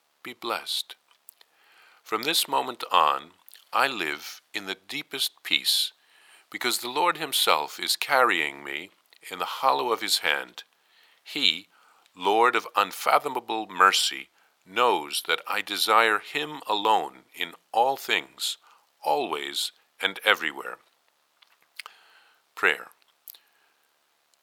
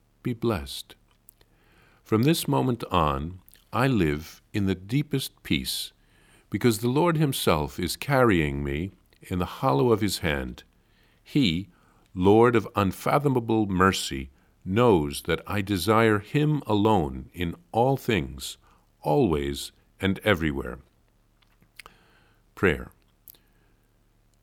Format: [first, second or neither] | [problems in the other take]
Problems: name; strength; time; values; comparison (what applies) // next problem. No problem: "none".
second | thin; very; fading below 850 Hz